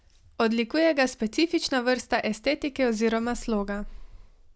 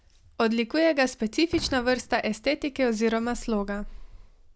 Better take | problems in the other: first | background sound (Boom); 17 dB below the speech

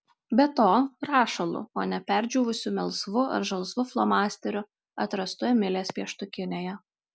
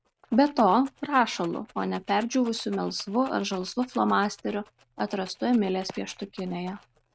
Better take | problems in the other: first | noise reduction (neural mask model RNNoise)

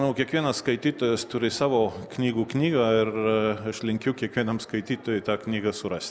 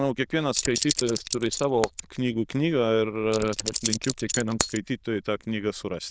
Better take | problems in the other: first | noise reduction (neural diffusion model UNIVERSE++)

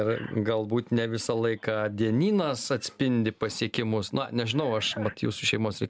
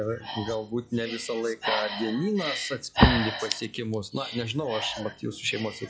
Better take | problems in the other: first | noise reduction (classical method log-MMSE)

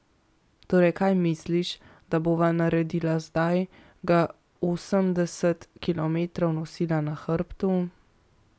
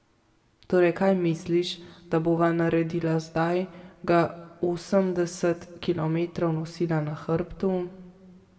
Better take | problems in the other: first | room echo; dies away in 0.9 s

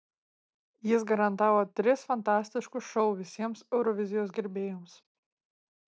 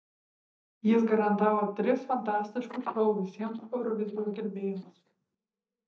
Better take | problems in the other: first | noise reduction (neural mask model DeepFilterNet 3)

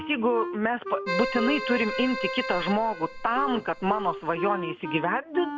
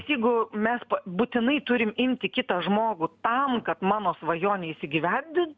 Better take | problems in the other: second | background sound (Wind instrument, woodwind instrument + Keyboard (musical)); 6 dB below the speech

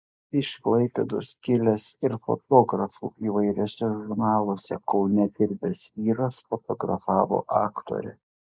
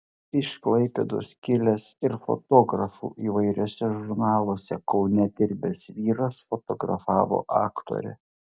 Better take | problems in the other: second | noise reduction (neural mask model Resemble Enhance denoiser)

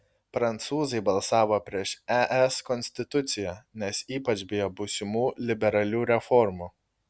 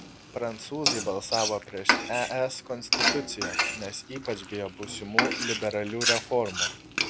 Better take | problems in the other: first | background sound (Frying (food)); 2 dB above the speech

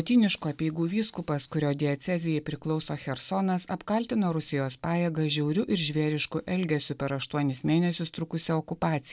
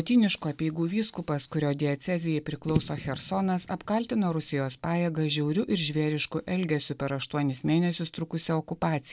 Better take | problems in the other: first | background sound (Fireworks / Boom); 12 dB below the speech

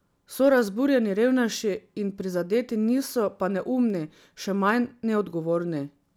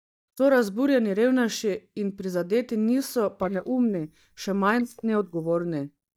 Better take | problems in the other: first | noise reduction (neural mask model DeepFilterNet 3)

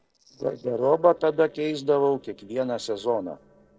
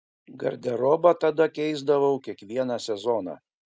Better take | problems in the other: second | noise reduction (neural separator model SepFormer DNS4)

